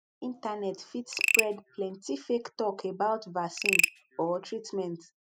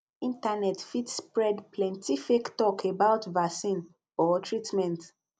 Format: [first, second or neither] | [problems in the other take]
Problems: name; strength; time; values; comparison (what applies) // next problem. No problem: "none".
second | noise reduction (classical method spectral subtraction)